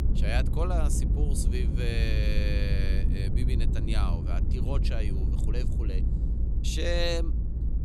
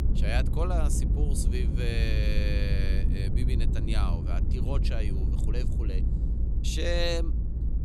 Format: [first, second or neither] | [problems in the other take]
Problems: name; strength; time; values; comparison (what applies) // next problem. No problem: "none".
neither | low rumble; loud; throughout; 7 dB below the speech; the same in both